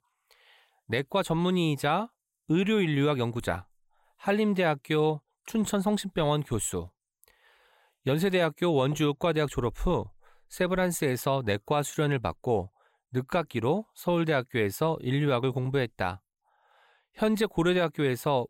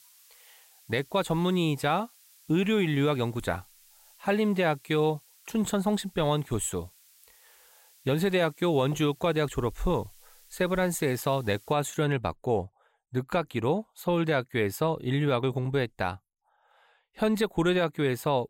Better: first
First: none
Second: hiss; faint; until 12 s; 25 dB below the speech

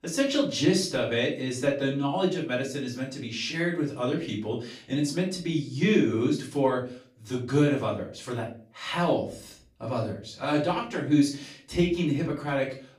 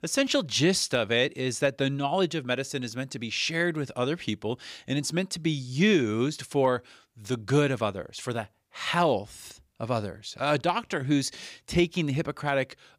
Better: second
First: off-mic speech; far // room echo; slight; dies away in 0.4 s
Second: none

